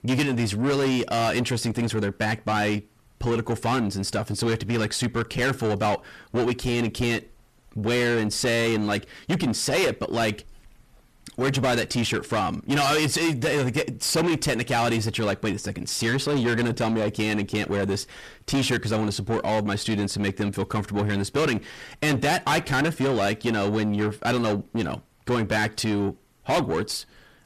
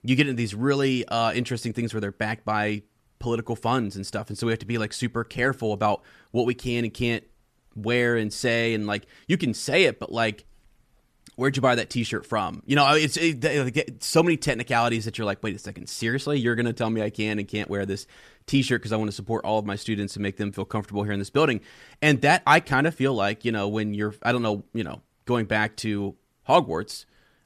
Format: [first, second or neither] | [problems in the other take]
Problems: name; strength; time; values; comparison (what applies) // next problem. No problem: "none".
second | distortion; heavy; 6 dB below the speech